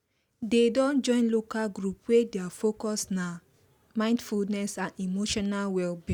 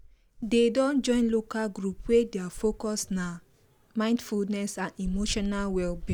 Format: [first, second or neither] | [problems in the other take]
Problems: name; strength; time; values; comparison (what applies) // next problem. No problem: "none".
first | background sound (Insect); 14 dB below the speech